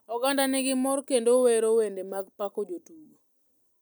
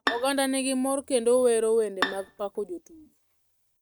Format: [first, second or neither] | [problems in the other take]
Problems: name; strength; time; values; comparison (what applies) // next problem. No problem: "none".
first | noise reduction (neural mask model RNNoise)